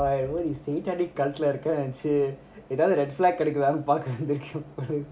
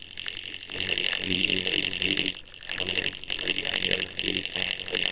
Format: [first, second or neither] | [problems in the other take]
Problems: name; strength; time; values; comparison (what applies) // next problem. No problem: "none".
first | noise reduction (neural separator model SepFormer WHAMR!)